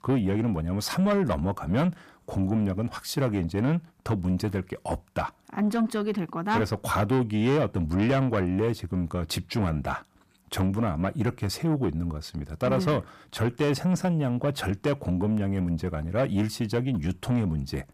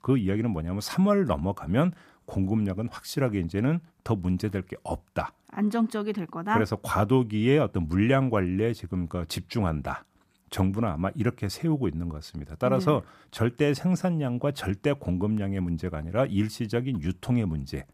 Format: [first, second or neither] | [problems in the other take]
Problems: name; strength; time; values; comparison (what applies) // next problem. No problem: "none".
second | distortion; slight; 10 dB below the speech